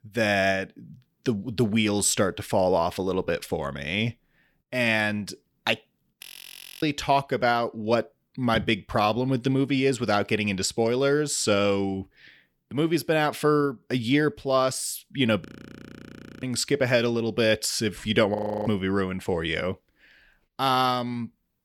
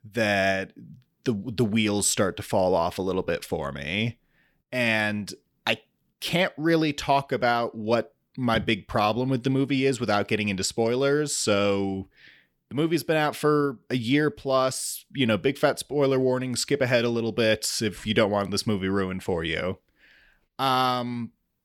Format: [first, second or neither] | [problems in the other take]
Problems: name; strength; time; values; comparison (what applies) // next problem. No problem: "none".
second | audio freezing; at 6 s for 0.5 s, at 15 s for 1 s and at 18 s